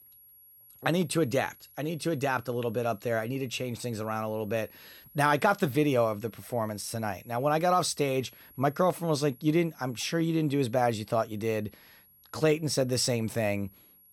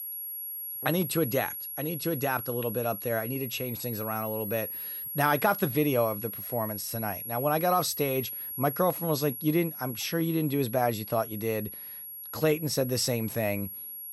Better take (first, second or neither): first